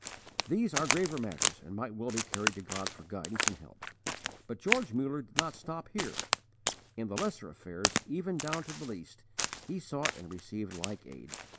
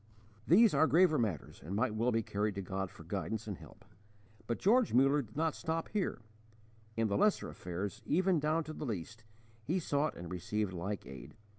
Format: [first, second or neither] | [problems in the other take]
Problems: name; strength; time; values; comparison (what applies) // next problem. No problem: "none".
second | background sound (Crack); as loud as the speech